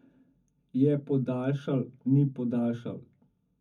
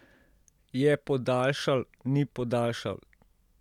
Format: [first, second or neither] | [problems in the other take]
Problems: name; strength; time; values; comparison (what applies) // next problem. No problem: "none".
second | room echo; dies away in 0.3 s